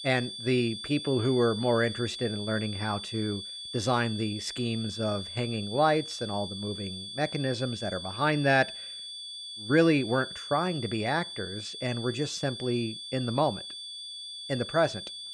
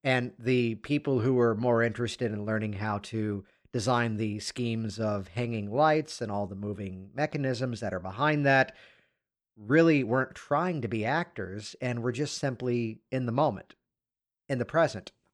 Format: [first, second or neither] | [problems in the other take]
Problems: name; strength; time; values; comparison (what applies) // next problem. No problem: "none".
second | high-pitched whine; loud; throughout; 3.5 kHz, 8 dB below the speech